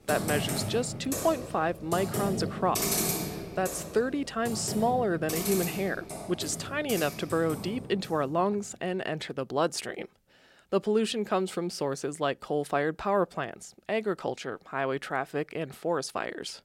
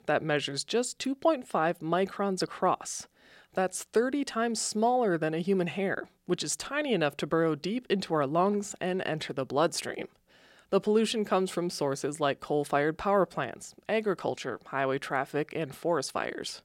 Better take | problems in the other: second | household noises; loud; until 7.5 s; 4 dB below the speech

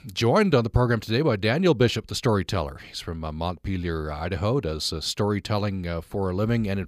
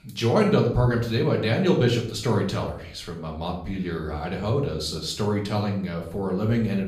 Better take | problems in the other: first | room echo; slight; dies away in 0.5 s // off-mic speech; far

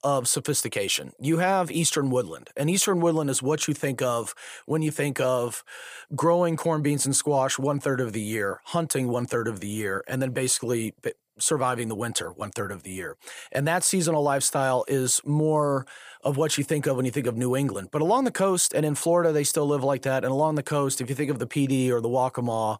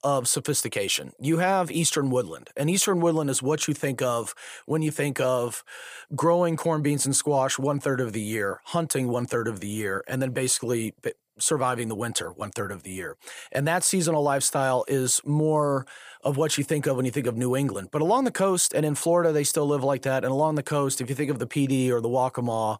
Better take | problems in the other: neither | none

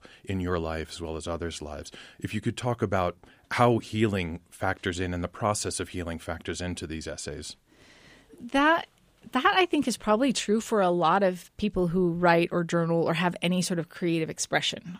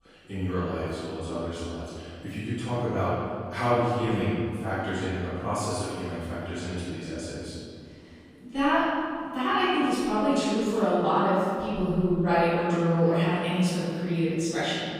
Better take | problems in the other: first | off-mic speech; far // room echo; strong; dies away in 2.3 s

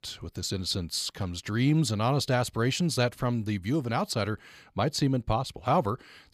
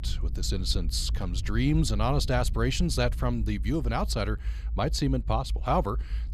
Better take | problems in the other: first | low rumble; faint; throughout; 20 dB below the speech

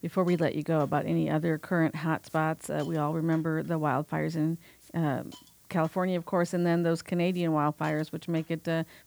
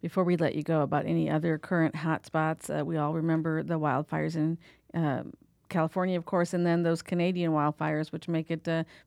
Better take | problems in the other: second | hiss; faint; throughout; 25 dB below the speech

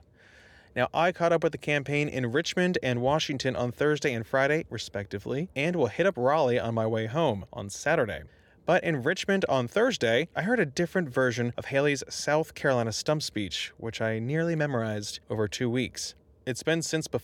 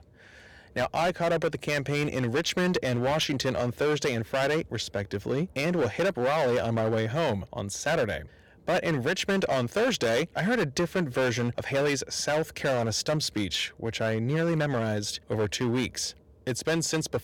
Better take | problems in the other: first | distortion; heavy; 13% of the sound clipped

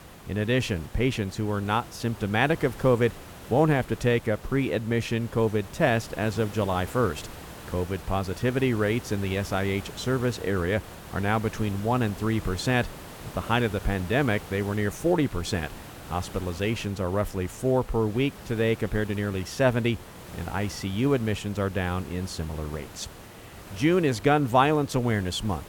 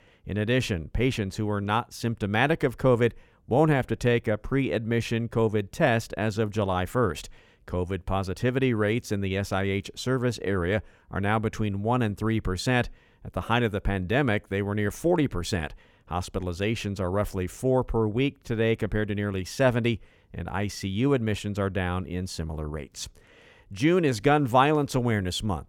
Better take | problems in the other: second | hiss; noticeable; throughout; 15 dB below the speech

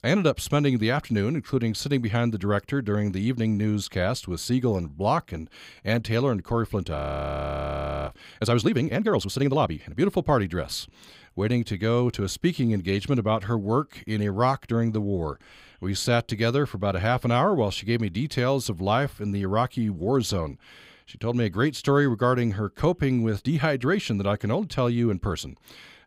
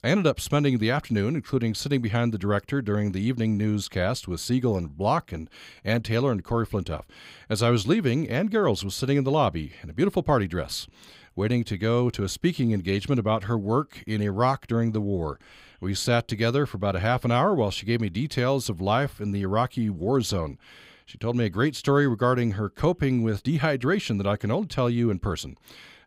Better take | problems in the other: second | audio freezing; at 7 s for 1 s

